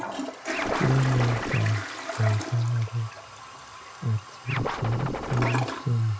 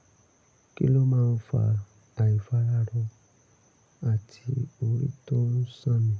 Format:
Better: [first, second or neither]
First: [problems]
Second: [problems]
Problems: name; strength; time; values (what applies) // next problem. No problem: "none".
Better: second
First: background sound (Scratching (performance technique) + Toilet flush); 5 dB below the speech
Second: none